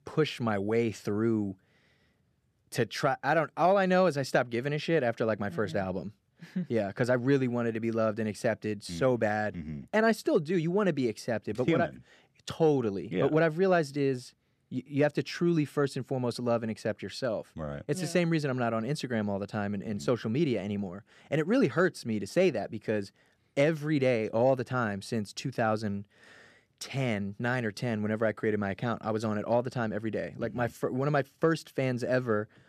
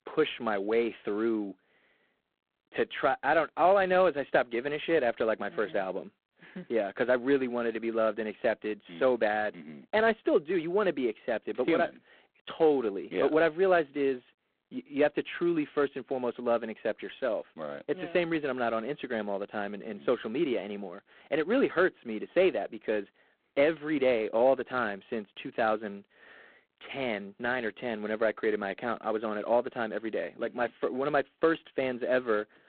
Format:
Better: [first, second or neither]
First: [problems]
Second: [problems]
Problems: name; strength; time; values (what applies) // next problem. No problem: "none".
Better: first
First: none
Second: phone-call audio; poor line; nothing above 4 kHz